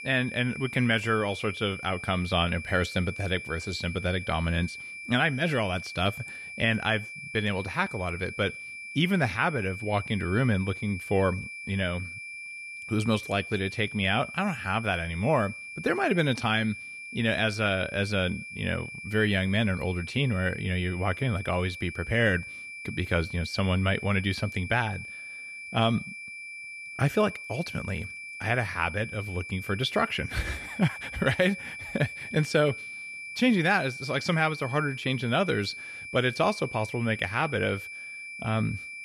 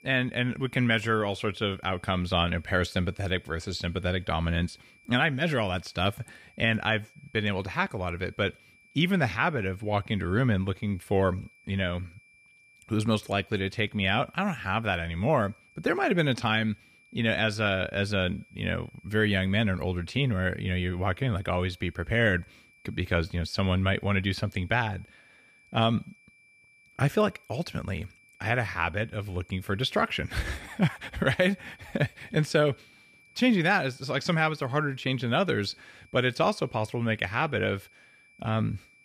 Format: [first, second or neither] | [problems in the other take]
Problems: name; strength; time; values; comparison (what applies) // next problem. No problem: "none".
second | high-pitched whine; loud; throughout; 2.5 kHz, 10 dB below the speech; faint in the second